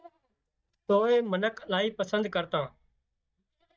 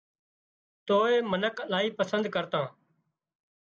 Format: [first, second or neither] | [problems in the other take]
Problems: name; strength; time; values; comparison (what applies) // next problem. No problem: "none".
second | noise reduction (neural mask model DeepFilterNet 3)